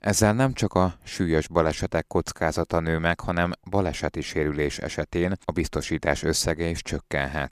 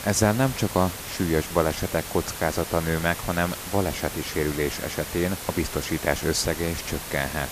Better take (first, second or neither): first